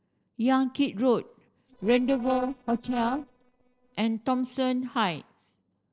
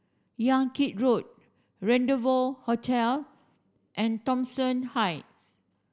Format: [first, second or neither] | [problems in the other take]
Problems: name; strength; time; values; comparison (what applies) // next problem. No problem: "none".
second | noise reduction (neural separator model SepFormer DNS4)